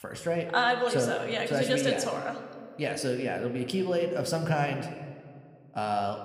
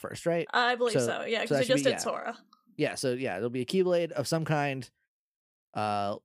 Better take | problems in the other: second | room echo; slight; dies away in 1.4 s

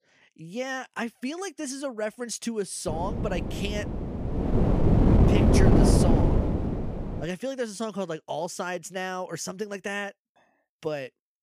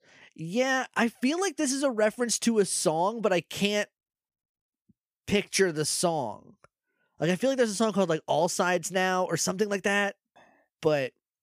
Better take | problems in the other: second | wind noise on the microphone; heavy; from 3 to 7 s; 3 dB above the speech

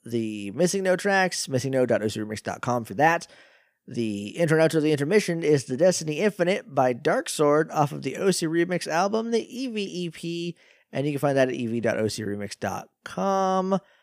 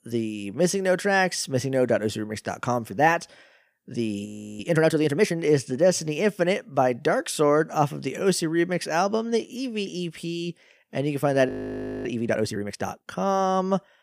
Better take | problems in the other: first | audio freezing; at 4.5 s and at 11 s for 0.5 s

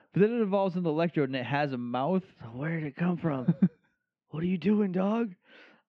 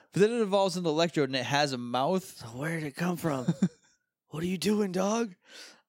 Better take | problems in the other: second | muffled; very; fading above 2.5 kHz

